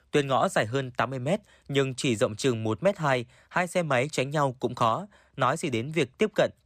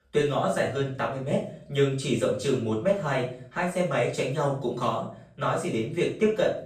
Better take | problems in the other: first | off-mic speech; far // room echo; noticeable; dies away in 0.4 s

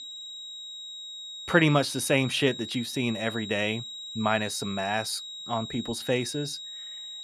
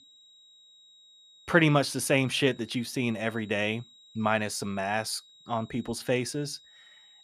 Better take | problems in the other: second | high-pitched whine; loud; throughout; 4 kHz, 9 dB below the speech; faint in the second

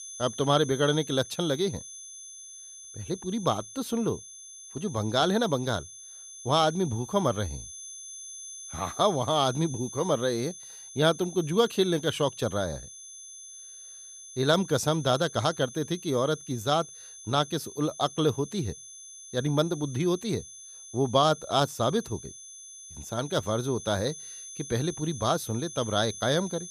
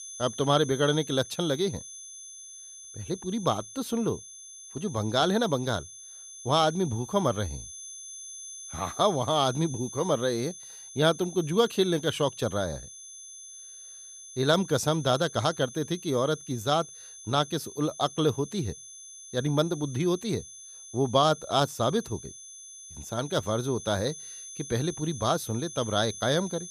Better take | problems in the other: neither | high-pitched whine; noticeable; throughout; 6.5 kHz, 15 dB below the speech; the same in both

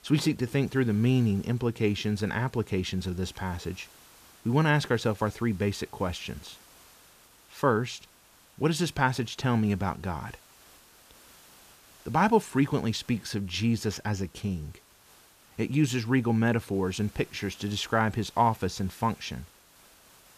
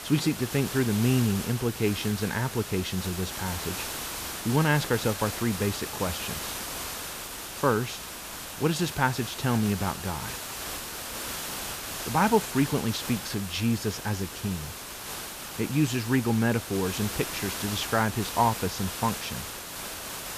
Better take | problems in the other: first | hiss; loud; throughout; 6 dB below the speech; faint in the first

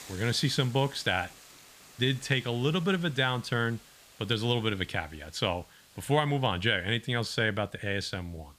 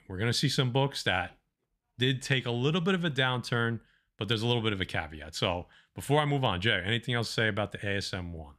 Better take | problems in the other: second | hiss; faint; throughout; 25 dB below the speech

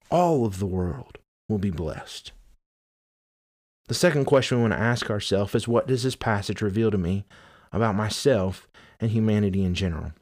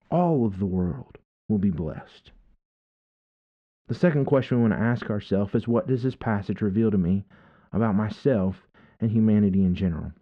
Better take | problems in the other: first | muffled; very; fading above 2 kHz

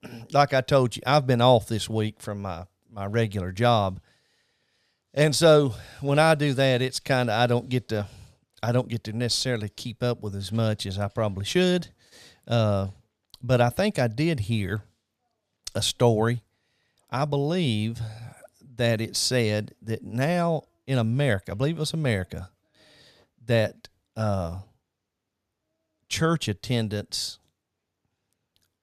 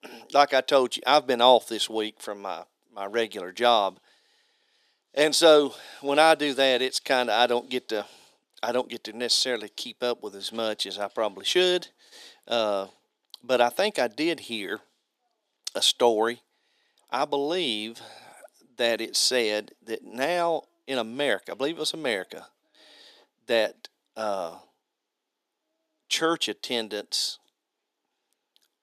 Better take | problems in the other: first | thin; somewhat; fading below 300 Hz

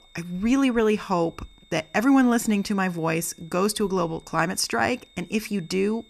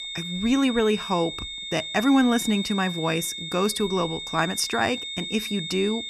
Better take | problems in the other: first | high-pitched whine; loud; throughout; 3.5 kHz, 7 dB below the speech; faint in the first

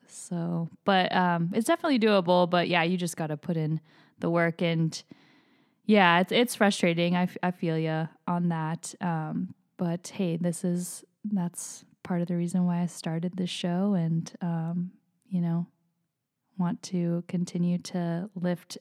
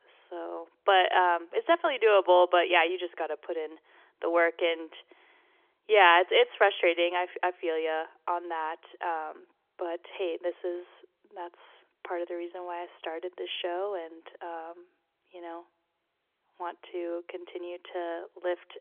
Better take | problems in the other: first | phone-call audio; nothing above 3.5 kHz

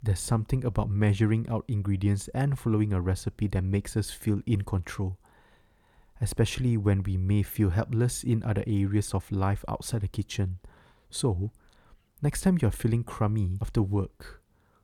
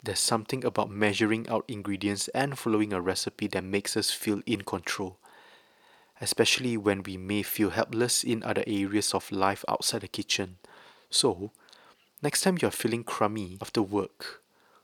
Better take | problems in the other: first | thin; somewhat; fading below 350 Hz

